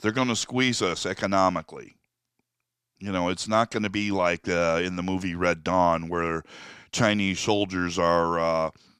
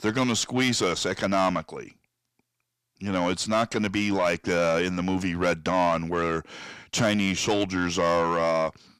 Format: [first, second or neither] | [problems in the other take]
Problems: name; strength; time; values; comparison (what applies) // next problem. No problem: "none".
first | distortion; slight; 10 dB below the speech